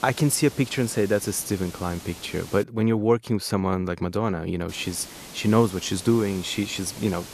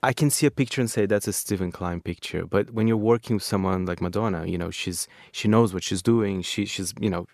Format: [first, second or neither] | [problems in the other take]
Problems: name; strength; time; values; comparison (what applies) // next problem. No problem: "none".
second | hiss; noticeable; until 2.5 s and from 4.5 s on; 15 dB below the speech